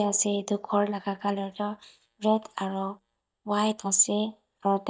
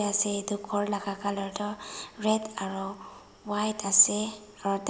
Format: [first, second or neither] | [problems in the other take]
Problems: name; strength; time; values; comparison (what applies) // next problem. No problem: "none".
second | noise reduction (neural mask model DeepFilterNet 3)